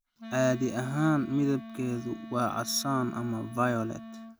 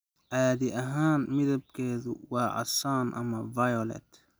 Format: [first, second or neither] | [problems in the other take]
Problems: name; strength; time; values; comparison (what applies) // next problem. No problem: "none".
second | background sound (Wind instrument, woodwind instrument); 13 dB below the speech